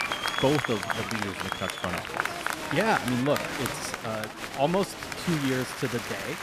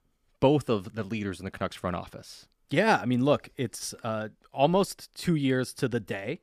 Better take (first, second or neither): second